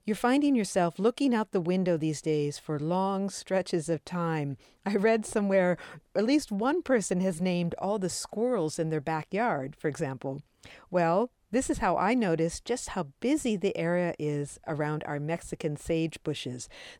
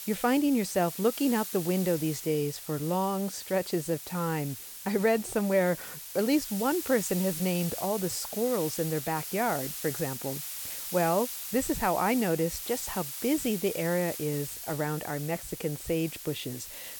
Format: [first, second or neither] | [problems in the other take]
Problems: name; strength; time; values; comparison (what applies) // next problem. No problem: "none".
first | hiss; loud; throughout; 7 dB below the speech